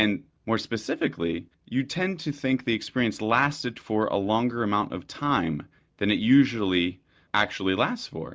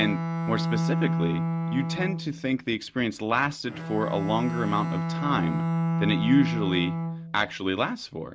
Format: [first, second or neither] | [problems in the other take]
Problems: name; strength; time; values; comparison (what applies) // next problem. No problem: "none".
first | background sound (Bowed string instrument); 1 dB below the speech